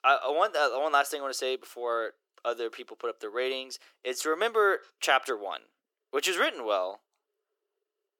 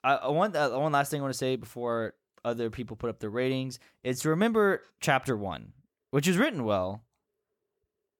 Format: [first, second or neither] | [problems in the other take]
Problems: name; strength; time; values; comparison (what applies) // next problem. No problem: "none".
second | thin; very; fading below 350 Hz